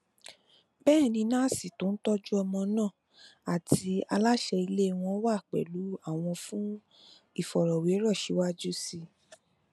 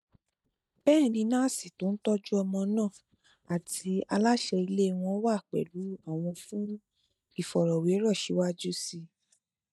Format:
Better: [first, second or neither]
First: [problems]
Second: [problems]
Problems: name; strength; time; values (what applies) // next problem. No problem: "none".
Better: first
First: none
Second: noise reduction (neural mask model DeepFilterNet 3)